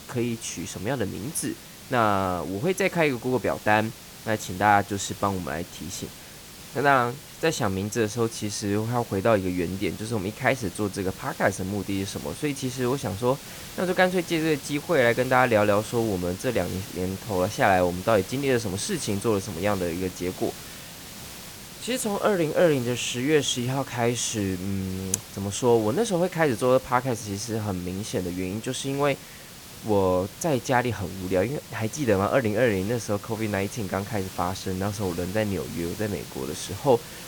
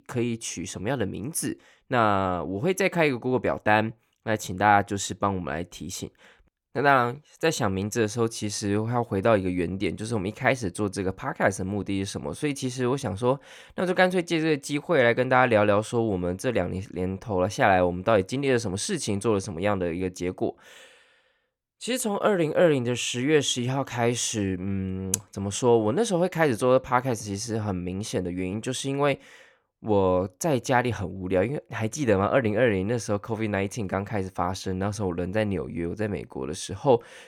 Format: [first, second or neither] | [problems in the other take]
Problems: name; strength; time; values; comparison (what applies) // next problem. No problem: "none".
second | hiss; noticeable; throughout; 15 dB below the speech